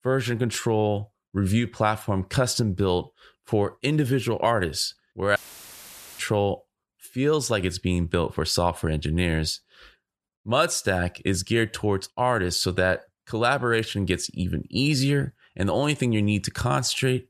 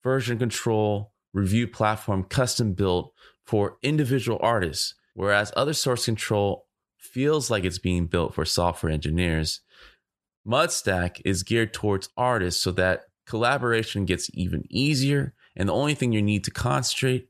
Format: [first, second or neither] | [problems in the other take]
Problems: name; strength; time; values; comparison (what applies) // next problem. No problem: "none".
second | audio cutting out; filled with static; at 5.5 s for 1 s